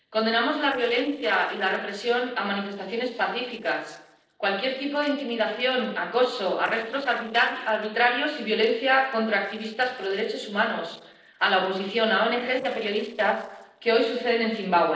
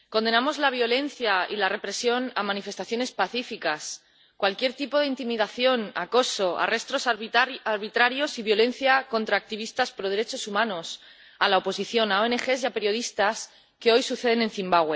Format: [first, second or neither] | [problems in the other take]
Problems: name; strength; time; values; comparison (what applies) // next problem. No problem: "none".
second | noise reduction (neural separator model SepFormer DNS4)